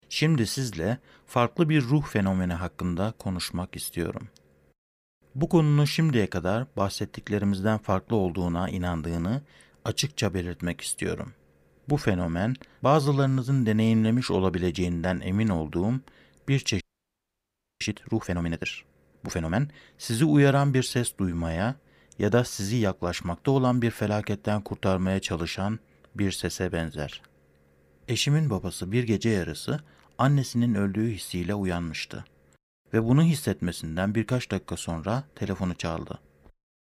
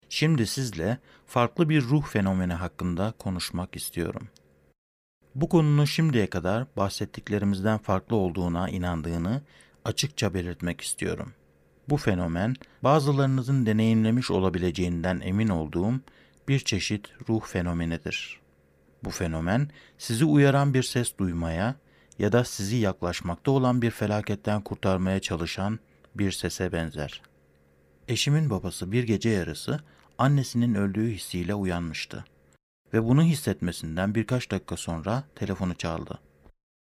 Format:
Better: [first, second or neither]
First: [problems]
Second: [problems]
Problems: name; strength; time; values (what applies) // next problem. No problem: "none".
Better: second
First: audio freezing; at 17 s for 1 s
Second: none